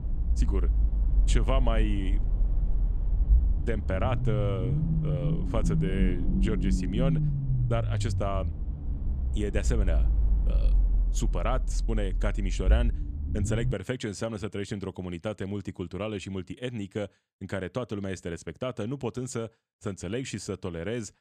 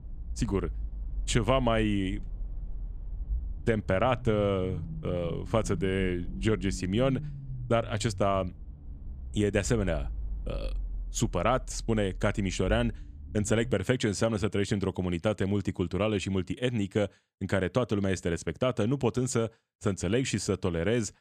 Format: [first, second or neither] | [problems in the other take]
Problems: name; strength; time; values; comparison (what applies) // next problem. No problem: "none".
second | low rumble; loud; until 14 s; 7 dB below the speech; faint in the second